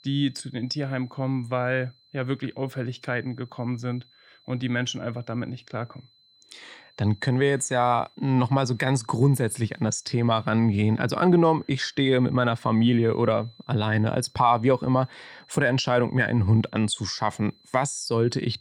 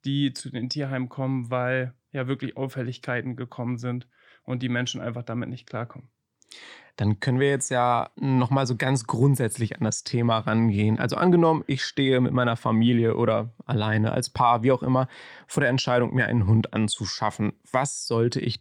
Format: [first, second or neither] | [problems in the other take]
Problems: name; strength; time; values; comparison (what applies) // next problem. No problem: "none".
second | high-pitched whine; faint; throughout; 4 kHz, 30 dB below the speech